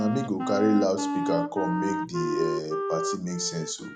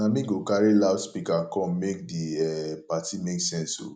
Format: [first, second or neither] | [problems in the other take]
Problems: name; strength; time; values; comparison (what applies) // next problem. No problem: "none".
second | background sound (Wind instrument, woodwind instrument); 3 dB below the speech